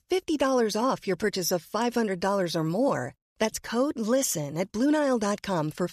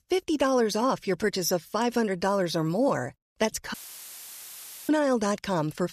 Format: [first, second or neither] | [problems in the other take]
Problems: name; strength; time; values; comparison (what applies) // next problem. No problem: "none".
first | audio cutting out; filled with static; at 3.5 s for 1 s